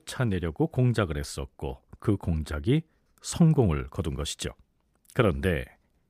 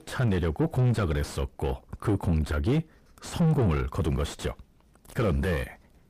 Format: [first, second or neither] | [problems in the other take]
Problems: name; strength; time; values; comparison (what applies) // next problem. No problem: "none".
first | distortion; heavy; 5 dB below the speech